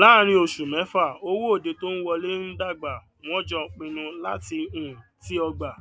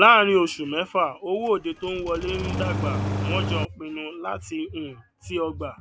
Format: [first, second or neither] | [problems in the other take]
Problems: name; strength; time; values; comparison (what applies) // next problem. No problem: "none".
first | background sound (Engine starting); 4 dB below the speech